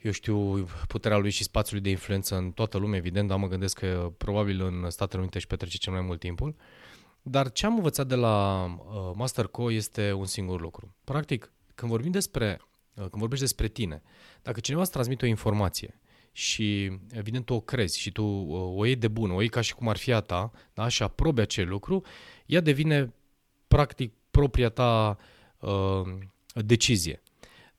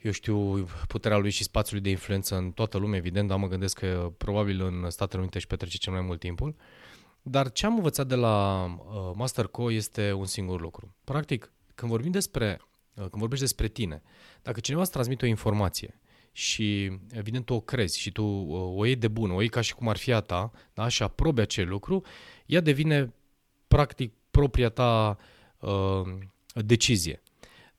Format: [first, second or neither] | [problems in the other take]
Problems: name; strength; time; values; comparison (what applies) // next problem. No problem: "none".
neither | none